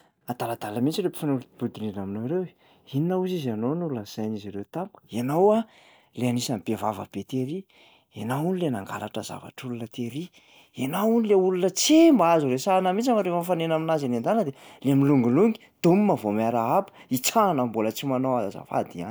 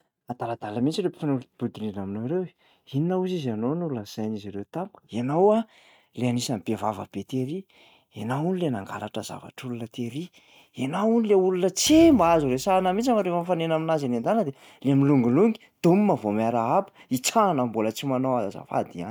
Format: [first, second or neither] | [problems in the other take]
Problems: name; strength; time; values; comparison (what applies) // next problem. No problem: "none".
first | noise reduction (neural mask model RNNoise)